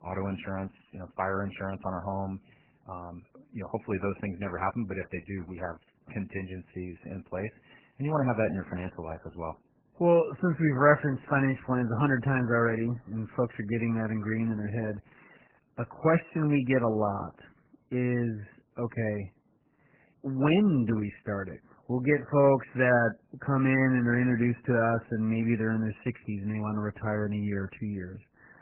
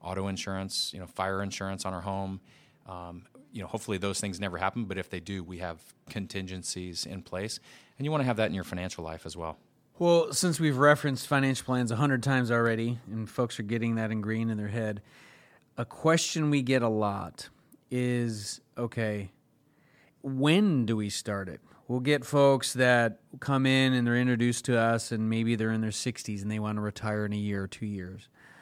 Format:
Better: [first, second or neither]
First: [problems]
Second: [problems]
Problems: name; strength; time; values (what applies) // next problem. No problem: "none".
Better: second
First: garbled, watery; badly; nothing above 3 kHz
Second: none